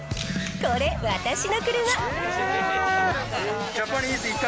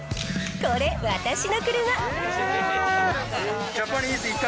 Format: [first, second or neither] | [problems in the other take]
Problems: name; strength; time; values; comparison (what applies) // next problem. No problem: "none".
second | background sound (Sneeze); 20 dB below the speech